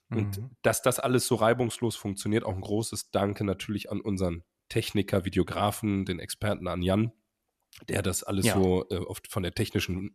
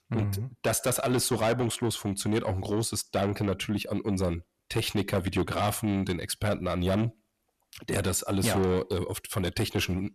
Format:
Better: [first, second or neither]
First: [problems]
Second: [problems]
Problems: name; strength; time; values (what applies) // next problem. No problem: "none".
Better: first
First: none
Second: distortion; heavy; 8 dB below the speech